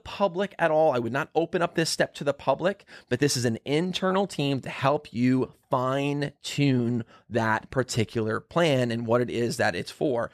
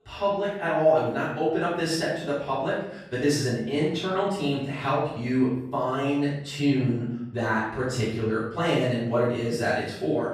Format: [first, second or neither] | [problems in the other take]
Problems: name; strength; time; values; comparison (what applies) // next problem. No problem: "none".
first | off-mic speech; far // room echo; noticeable; dies away in 0.7 s